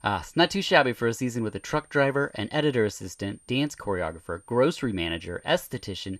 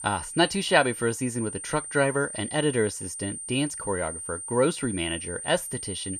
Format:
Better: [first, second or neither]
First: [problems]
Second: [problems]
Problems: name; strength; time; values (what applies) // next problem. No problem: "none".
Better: first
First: high-pitched whine; faint; throughout; 9 kHz, 30 dB below the speech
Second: high-pitched whine; loud; throughout; 9 kHz, 7 dB below the speech